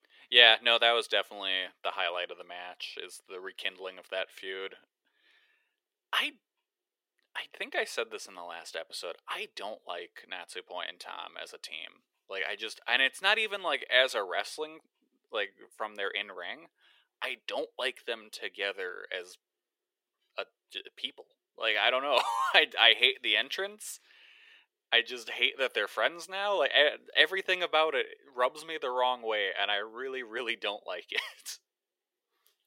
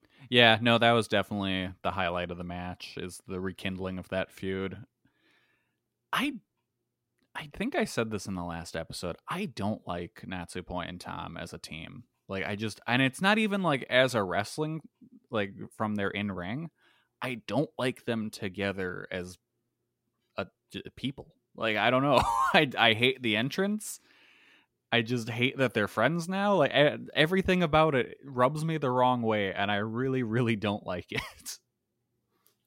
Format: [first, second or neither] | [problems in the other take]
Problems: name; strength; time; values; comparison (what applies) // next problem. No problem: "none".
second | thin; very; fading below 450 Hz